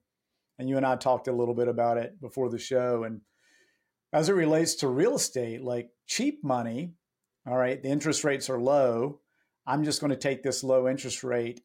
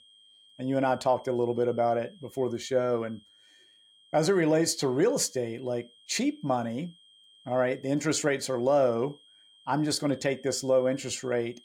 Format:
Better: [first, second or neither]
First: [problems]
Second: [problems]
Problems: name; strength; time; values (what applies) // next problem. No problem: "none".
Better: first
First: none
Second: high-pitched whine; faint; throughout; 3 kHz, 30 dB below the speech